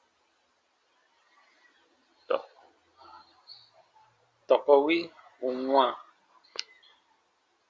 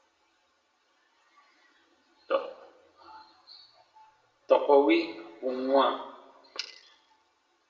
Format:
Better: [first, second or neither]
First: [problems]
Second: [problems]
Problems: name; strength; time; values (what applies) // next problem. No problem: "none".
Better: first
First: none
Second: room echo; dies away in 0.7 s